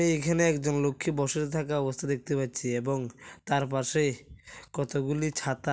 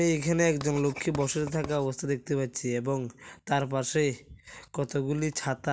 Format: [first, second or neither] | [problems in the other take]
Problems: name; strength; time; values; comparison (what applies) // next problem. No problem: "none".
first | background sound (Writing); 16 dB below the speech